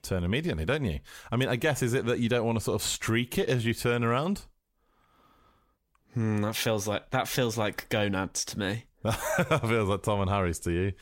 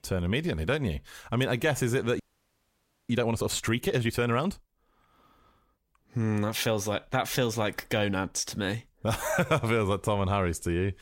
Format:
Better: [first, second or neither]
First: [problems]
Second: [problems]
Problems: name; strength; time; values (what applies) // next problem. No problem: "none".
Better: first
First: none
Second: audio freezing; at 2 s for 1 s